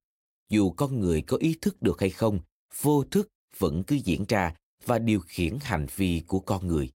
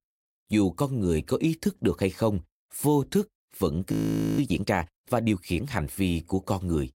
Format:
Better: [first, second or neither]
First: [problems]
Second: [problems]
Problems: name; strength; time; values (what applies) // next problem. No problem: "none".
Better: first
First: none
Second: audio freezing; at 4 s